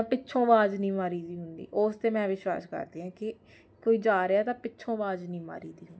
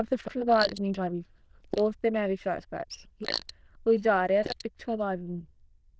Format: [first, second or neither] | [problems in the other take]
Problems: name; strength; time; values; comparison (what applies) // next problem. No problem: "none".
first | noise reduction (neural diffusion model UNIVERSE++)